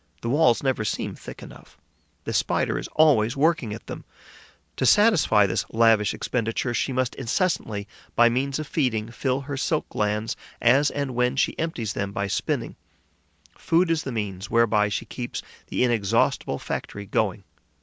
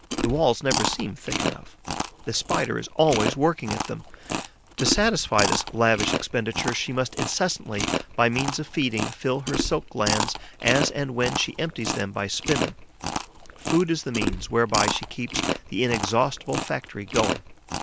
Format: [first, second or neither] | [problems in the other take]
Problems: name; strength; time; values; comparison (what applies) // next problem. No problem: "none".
first | background sound (Chewing, mastication); 4 dB below the speech